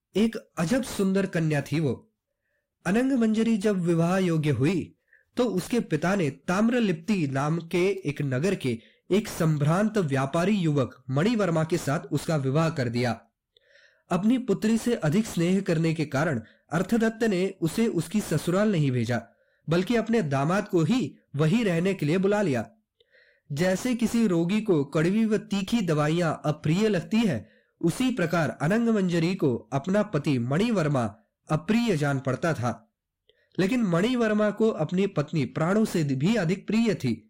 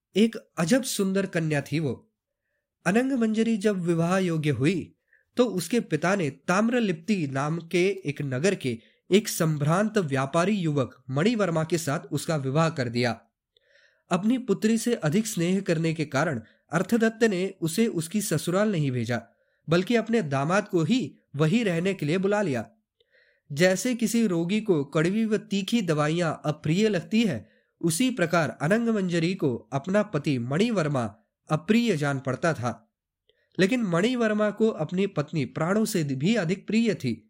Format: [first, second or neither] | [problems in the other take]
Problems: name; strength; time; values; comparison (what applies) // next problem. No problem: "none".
second | distortion; slight; 10 dB below the speech